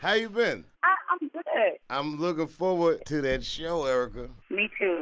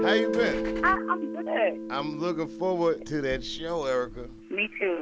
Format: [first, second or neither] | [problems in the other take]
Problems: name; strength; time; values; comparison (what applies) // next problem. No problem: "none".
first | background sound (Engine / Car + Guitar); 4 dB below the speech